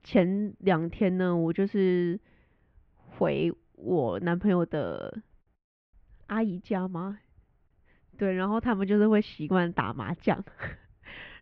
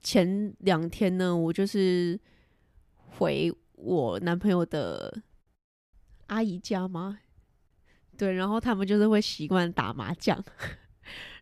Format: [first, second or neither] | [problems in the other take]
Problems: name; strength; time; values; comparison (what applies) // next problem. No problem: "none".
second | muffled; very; fading above 2.5 kHz